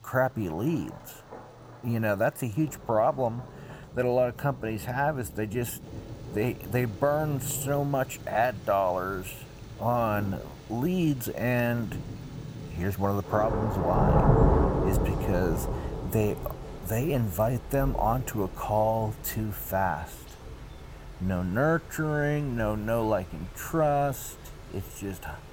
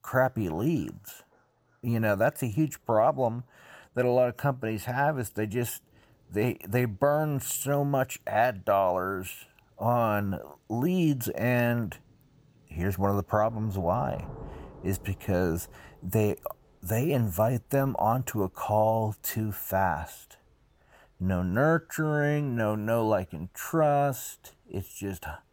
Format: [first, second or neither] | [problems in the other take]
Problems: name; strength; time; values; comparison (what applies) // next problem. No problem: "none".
second | rain or running water; loud; throughout; 5 dB below the speech; faint in the second